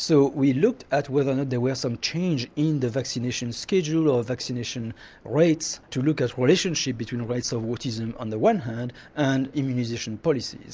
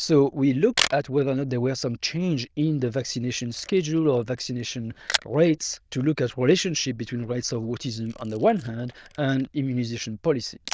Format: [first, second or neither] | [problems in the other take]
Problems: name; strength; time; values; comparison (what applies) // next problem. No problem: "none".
first | noise reduction (neural diffusion model UNIVERSE++)